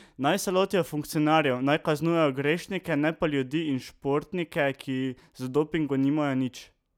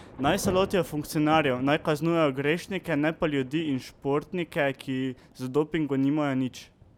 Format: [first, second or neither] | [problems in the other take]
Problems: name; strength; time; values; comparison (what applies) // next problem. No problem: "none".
first | background sound (Thunder / Rain); 16 dB below the speech